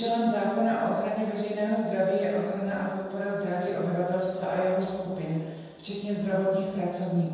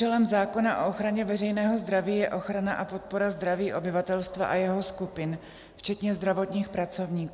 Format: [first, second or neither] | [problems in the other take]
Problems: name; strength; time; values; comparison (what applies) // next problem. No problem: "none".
second | room echo; dies away in 1.2 s